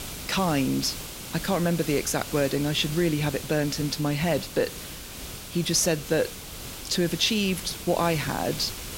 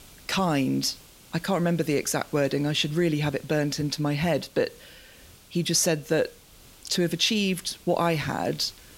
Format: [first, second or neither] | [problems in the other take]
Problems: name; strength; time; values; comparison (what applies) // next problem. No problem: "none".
second | hiss; loud; throughout; 10 dB below the speech; faint in the second